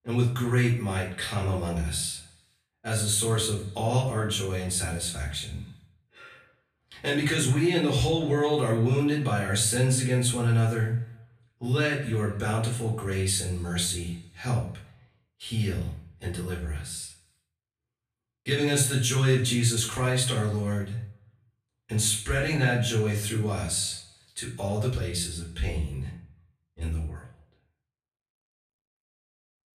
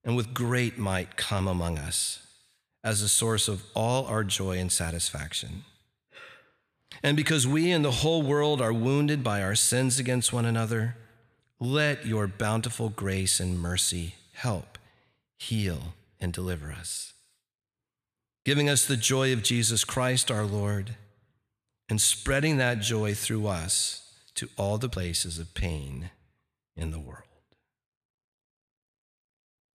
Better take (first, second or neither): second